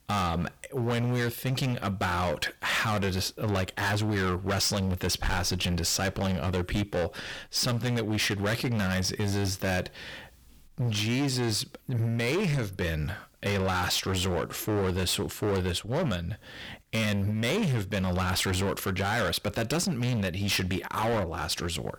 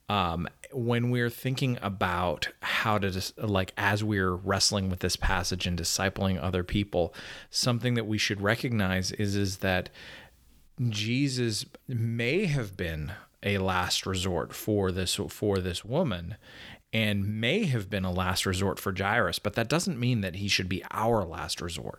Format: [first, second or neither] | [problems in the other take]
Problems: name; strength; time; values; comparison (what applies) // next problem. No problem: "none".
second | distortion; heavy; 22% of the sound clipped